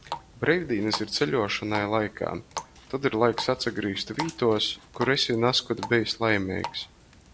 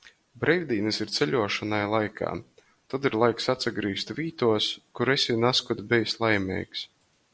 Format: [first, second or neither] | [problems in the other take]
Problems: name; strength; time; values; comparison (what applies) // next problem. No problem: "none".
second | background sound (Water tap, faucet); 14 dB below the speech